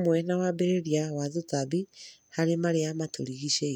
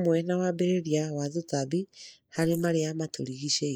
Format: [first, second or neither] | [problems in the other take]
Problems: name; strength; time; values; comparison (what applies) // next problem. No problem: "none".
first | noise reduction (neural mask model Resemble Enhance denoiser)